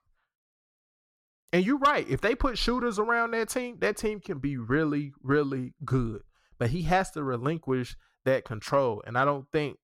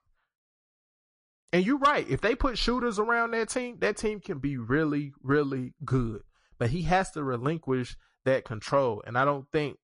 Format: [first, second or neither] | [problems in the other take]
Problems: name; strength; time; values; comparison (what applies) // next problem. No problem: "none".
first | garbled, watery; slightly; nothing above 10.5 kHz